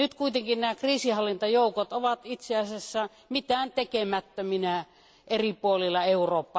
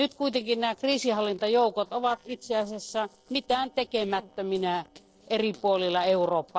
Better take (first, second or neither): first